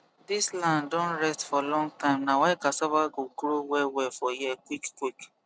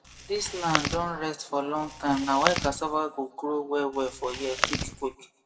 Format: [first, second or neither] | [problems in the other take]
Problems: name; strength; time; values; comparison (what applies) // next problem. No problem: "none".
first | background sound (Chewing, mastication); 4 dB below the speech // room echo; dies away in 0.4 s